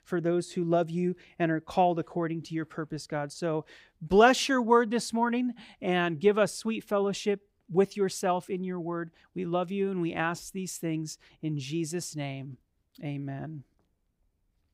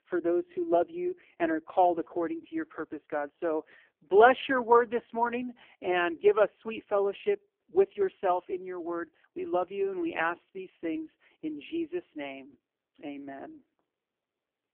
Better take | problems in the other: first | phone-call audio; poor line

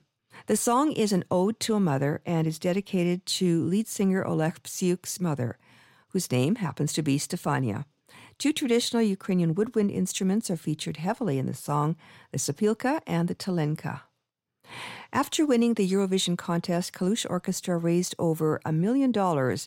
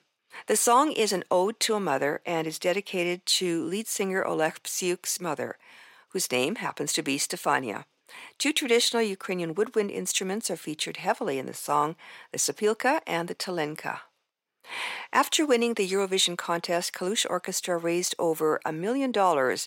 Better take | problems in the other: first | thin; somewhat; fading below 450 Hz

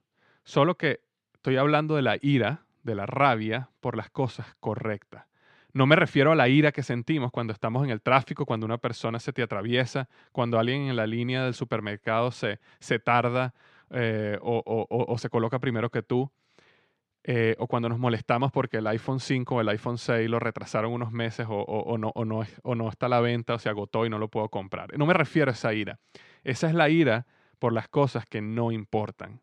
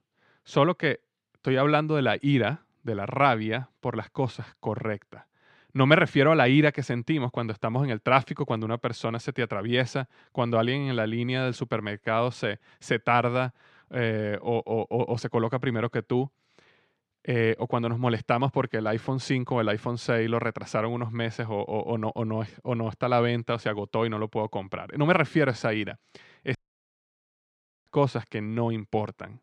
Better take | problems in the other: first | audio cutting out; at 27 s for 1.5 s

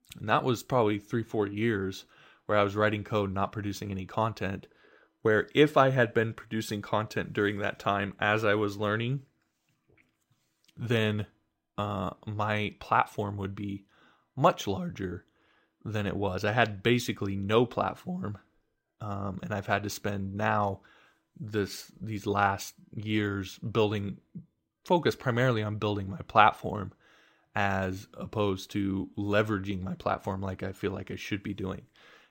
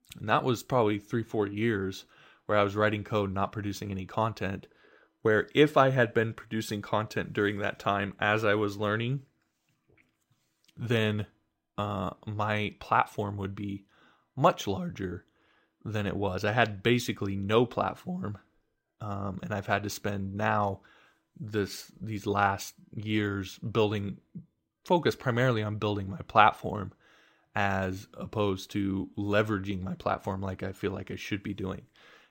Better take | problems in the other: neither | none

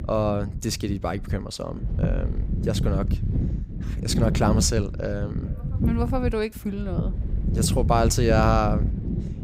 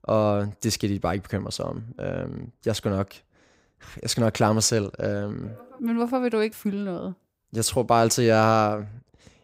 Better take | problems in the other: second | wind noise on the microphone; occasional gusts; 10 dB below the speech

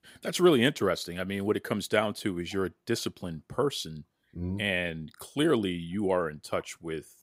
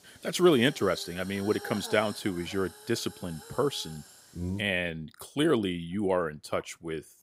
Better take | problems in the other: first | hiss; noticeable; until 4.5 s; 15 dB below the speech

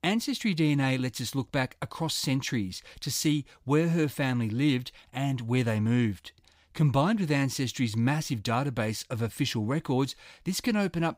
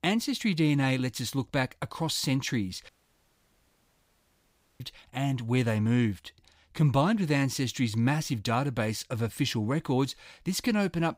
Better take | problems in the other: first | audio cutting out; at 3 s for 2 s

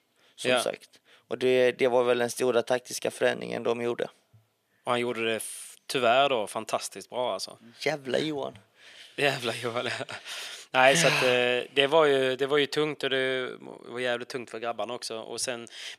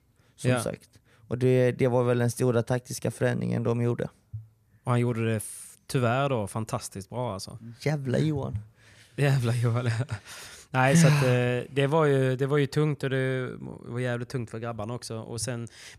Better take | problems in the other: second | thin; somewhat; fading below 400 Hz

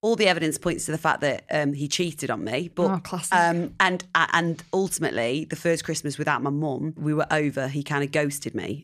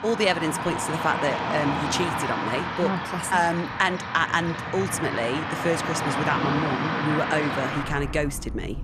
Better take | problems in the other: first | traffic noise; loud; throughout; 2 dB below the speech

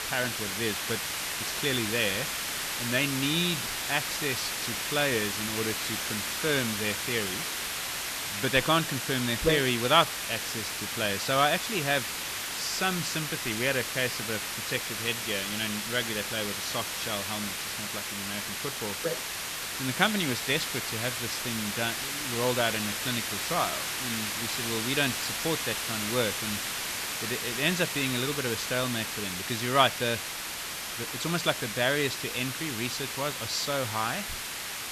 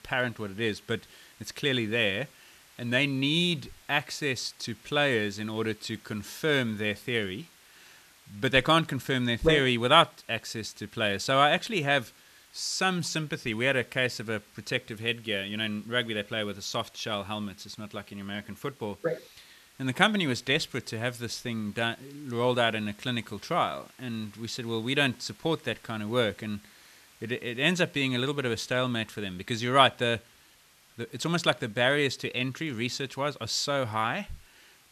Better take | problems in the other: second | hiss; loud; throughout; 1 dB below the speech; faint in the second

